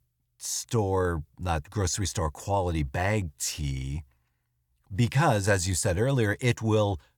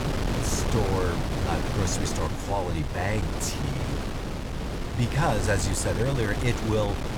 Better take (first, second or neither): first